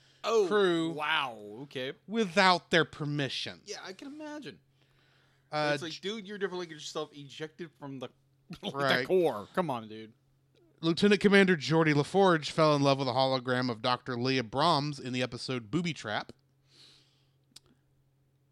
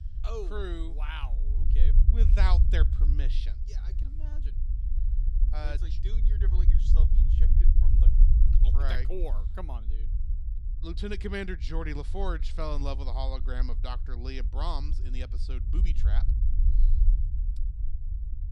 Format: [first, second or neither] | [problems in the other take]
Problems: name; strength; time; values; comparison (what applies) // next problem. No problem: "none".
first | low rumble; loud; throughout; 10 dB below the speech